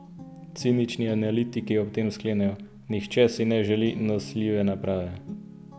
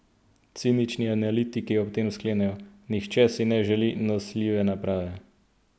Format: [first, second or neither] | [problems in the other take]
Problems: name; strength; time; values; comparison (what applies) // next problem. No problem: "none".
second | background sound (Guitar); 16 dB below the speech